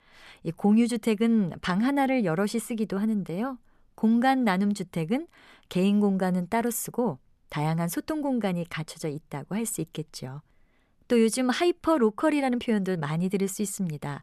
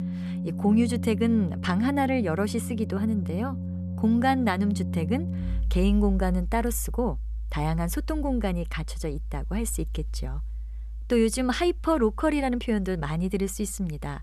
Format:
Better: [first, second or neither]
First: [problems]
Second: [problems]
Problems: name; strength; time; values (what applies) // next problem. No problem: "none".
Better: first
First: none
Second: background music; loud; throughout; 7 dB below the speech